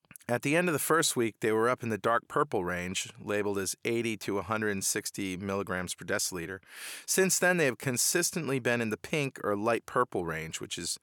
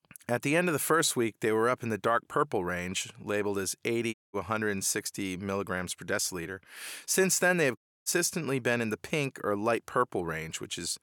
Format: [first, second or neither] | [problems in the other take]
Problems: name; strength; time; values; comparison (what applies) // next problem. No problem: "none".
first | audio cutting out; at 4 s and at 8 s